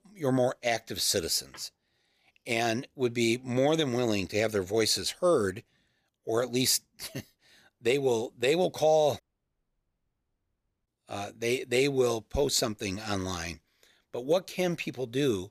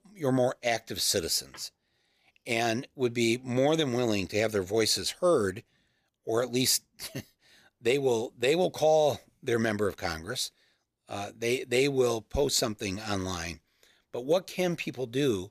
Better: second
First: audio cutting out; at 9 s for 1.5 s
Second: none

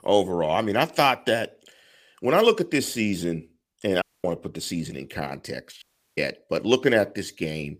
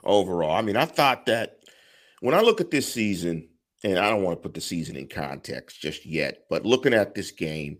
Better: second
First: audio cutting out; at 4 s and at 6 s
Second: none

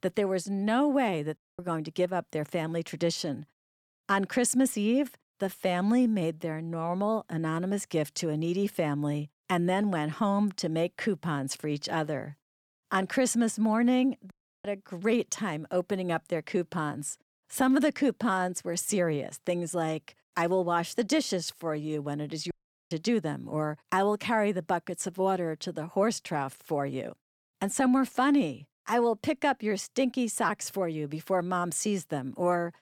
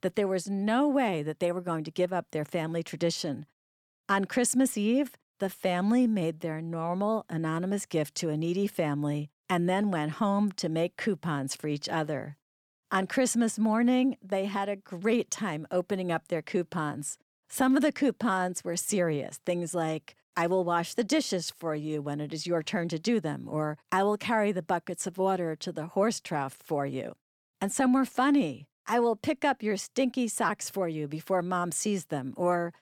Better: second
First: audio cutting out; at 1.5 s, at 14 s and at 23 s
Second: none

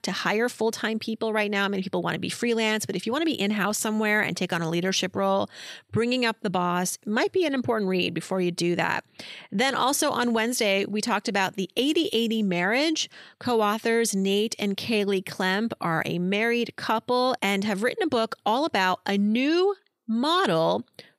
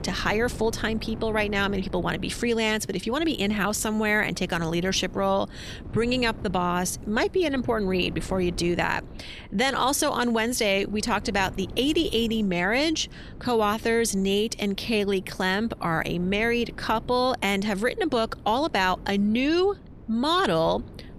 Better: first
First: none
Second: wind noise on the microphone; occasional gusts; 25 dB below the speech

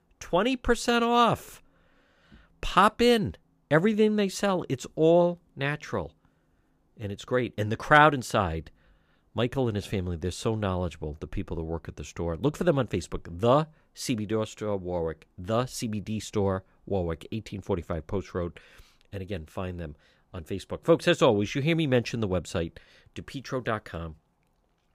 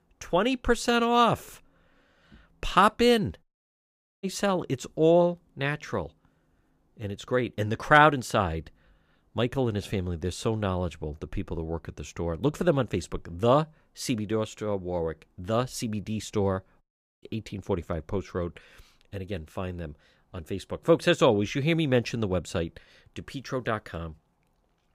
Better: first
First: none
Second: audio cutting out; at 3.5 s for 1 s and at 17 s

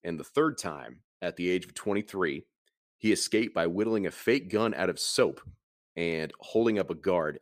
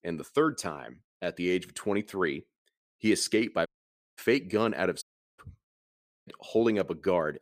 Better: first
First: none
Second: audio cutting out; at 3.5 s for 0.5 s, at 5 s and at 6 s

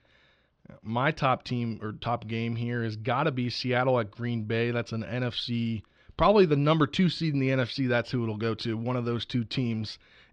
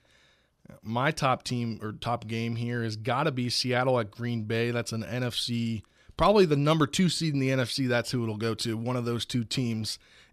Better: second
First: muffled; very slightly; fading above 4 kHz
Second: none

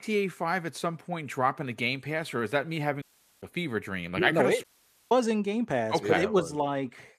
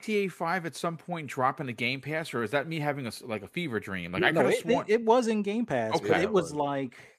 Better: second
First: audio cutting out; at 3 s and at 4.5 s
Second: none

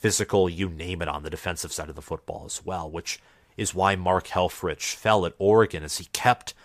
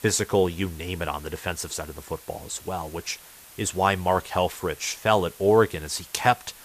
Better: first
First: none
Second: hiss; noticeable; throughout; 20 dB below the speech

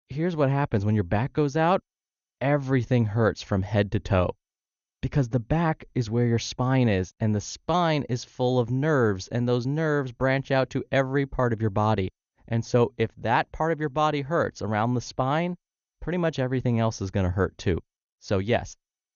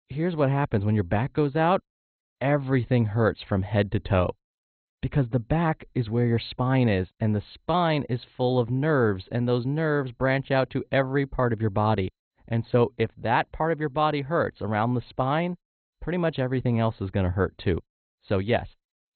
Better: first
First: garbled, watery; slightly; nothing above 6.5 kHz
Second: garbled, watery; badly; nothing above 4 kHz

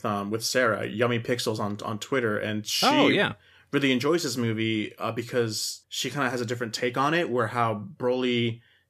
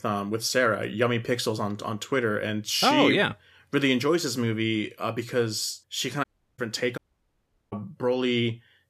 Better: first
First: none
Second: audio cutting out; at 6 s and at 7 s for 0.5 s

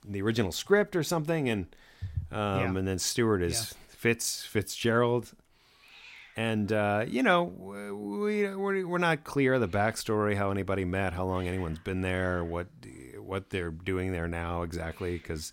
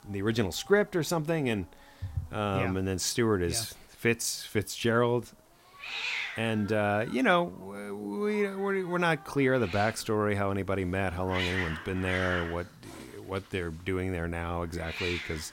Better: first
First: hiss; faint; throughout; 25 dB below the speech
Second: hiss; loud; throughout; 7 dB below the speech

